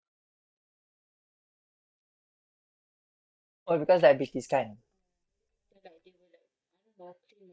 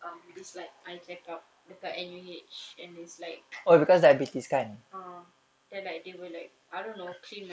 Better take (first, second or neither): second